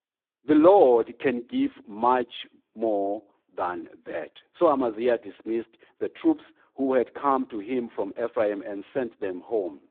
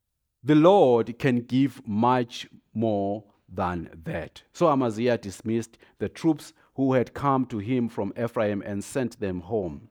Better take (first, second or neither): second